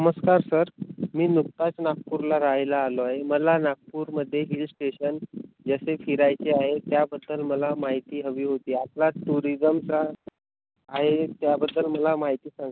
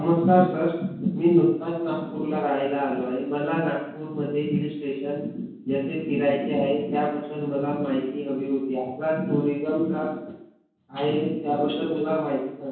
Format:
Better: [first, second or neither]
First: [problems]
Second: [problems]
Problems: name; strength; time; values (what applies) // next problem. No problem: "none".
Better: first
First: none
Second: room echo; dies away in 0.6 s